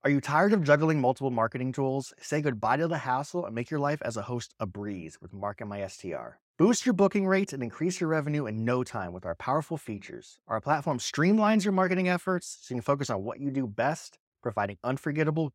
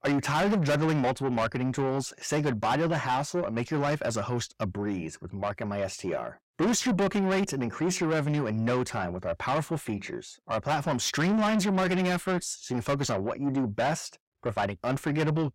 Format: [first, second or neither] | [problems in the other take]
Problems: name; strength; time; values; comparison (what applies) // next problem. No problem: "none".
first | distortion; heavy; 6 dB below the speech